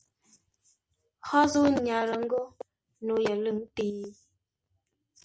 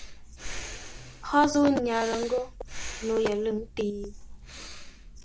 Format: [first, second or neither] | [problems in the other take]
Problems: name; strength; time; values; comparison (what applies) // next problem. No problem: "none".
first | background sound (Breathing); 11 dB below the speech